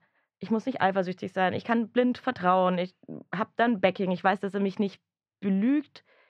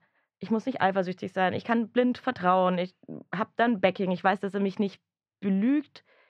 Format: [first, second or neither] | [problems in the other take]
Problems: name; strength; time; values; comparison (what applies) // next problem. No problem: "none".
neither | muffled; slightly; fading above 2.5 kHz; the same in both